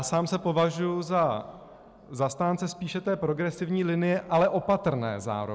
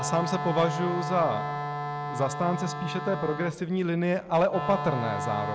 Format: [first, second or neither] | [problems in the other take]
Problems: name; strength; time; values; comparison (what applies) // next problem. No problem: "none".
first | background sound (Wind instrument, woodwind instrument); 5 dB below the speech